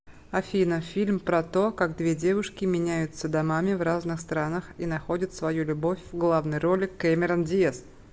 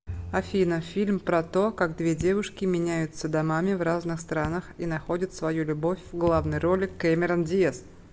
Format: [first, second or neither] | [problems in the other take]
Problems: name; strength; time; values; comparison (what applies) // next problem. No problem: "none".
first | background sound (Raindrop / Drip + Bowed string instrument); 16 dB below the speech